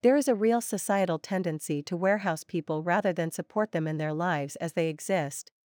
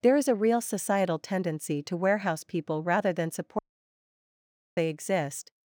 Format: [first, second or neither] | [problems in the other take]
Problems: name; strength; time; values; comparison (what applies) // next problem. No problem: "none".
first | audio cutting out; at 3.5 s for 1 s